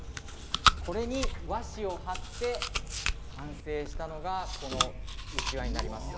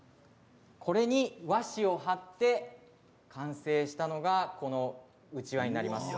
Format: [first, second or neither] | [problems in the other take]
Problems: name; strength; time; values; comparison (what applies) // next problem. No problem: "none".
second | background sound (Chewing, mastication); 4 dB above the speech